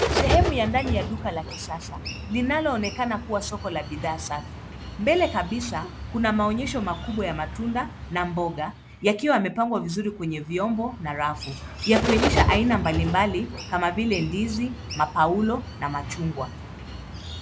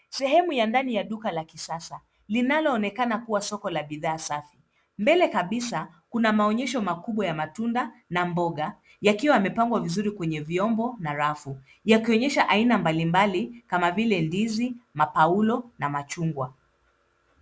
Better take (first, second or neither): second